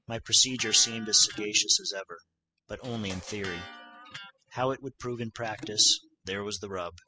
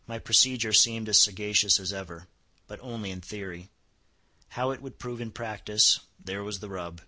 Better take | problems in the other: second | noise reduction (classical method spectral subtraction)

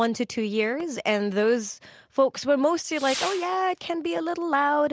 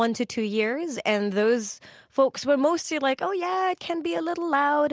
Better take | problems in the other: second | background sound (Whoosh, swoosh, swish / Fireworks); 18 dB below the speech

